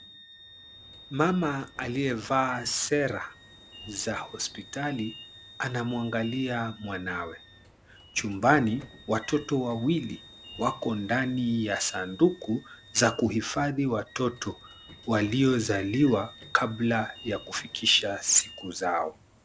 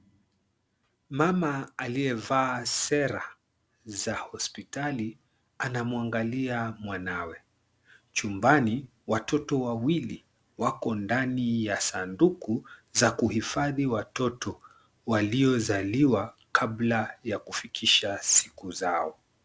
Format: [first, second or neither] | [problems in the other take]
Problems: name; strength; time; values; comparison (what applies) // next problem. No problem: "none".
second | background sound (Wind instrument, woodwind instrument + Sliding door / Train); 20 dB below the speech